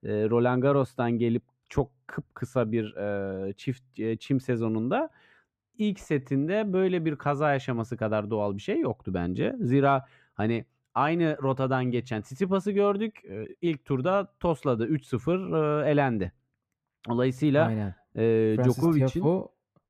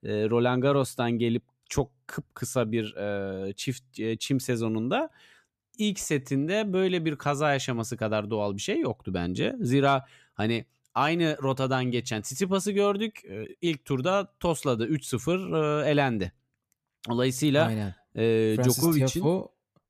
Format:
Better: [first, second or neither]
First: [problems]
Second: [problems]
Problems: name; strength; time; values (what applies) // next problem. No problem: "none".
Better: second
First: muffled; very; fading above 3 kHz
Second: none